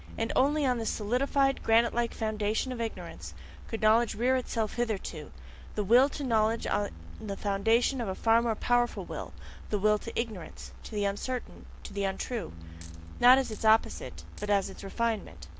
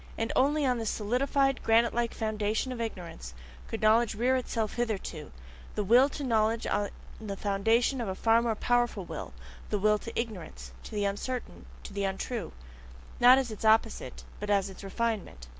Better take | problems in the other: second | background sound (Bass guitar + Coin (dropping)); 20 dB below the speech

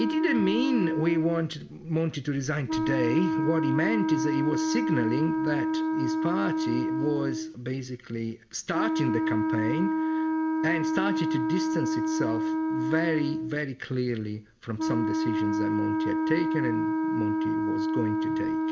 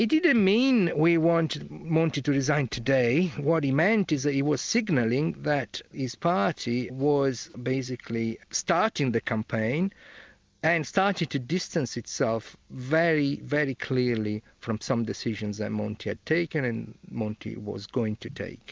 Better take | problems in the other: second | background sound (Wind instrument, woodwind instrument); 2 dB above the speech // room echo; dies away in 0.4 s

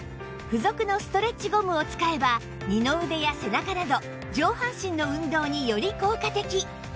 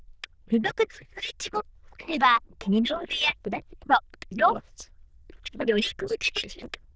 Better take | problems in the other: first | noise reduction (neural diffusion model UNIVERSE++)

